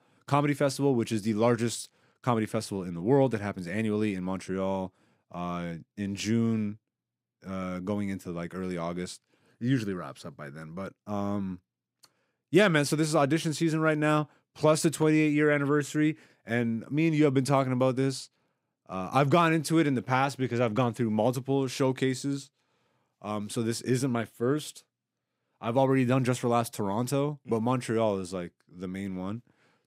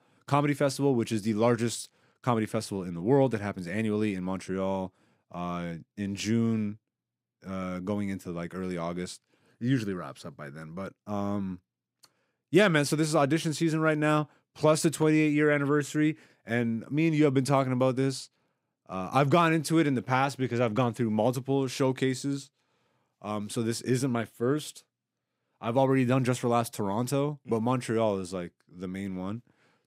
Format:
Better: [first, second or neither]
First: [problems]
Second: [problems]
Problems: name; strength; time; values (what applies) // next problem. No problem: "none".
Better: neither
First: none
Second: none